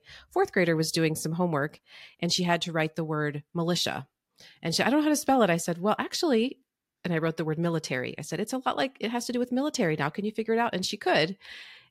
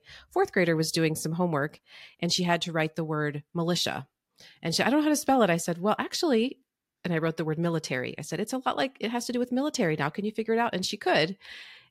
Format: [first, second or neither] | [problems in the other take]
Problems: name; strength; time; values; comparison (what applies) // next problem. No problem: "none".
neither | none